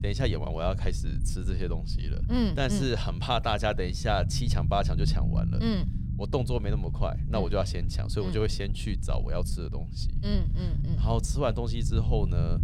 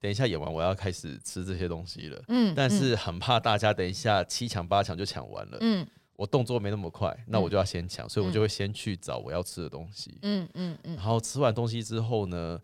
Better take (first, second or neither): second